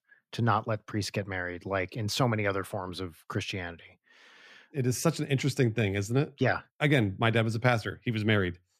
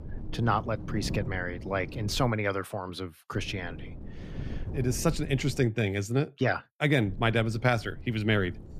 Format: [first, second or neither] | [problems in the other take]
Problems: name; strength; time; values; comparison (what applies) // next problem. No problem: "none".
first | wind noise on the microphone; occasional gusts; until 2.5 s, from 3.5 to 5.5 s and from 7 s on; 20 dB below the speech